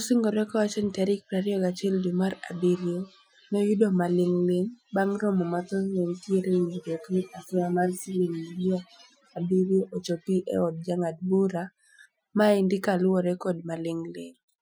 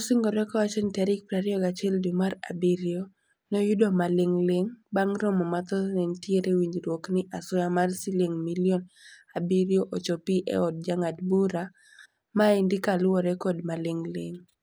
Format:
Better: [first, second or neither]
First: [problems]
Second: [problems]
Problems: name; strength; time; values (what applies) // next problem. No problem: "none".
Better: second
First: noise reduction (classical method Wiener filter)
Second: none